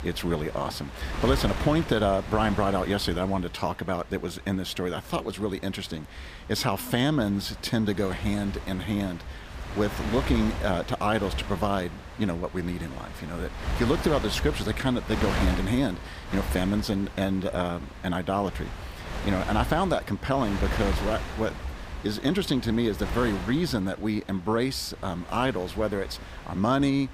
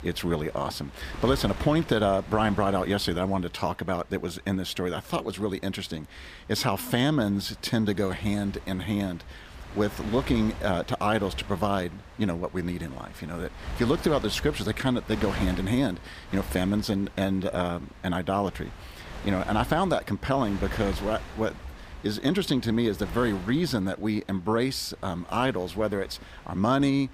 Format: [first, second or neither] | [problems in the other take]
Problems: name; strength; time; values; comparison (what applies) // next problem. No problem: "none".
second | wind noise on the microphone; heavy; 9 dB below the speech; occasional gusts in the second